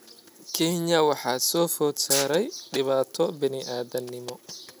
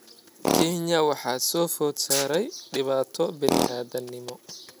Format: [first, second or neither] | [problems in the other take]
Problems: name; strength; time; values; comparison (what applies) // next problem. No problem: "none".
first | background sound (Tools); 5 dB below the speech